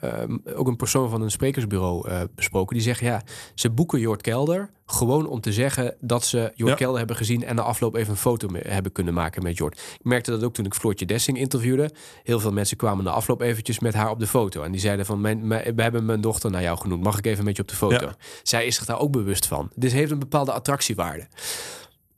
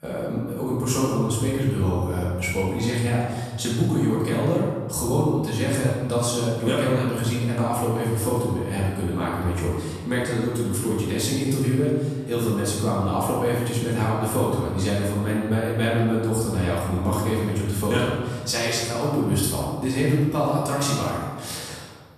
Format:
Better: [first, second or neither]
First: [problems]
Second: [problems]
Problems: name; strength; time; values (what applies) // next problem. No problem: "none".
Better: first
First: none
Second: room echo; strong; dies away in 1.5 s // off-mic speech; far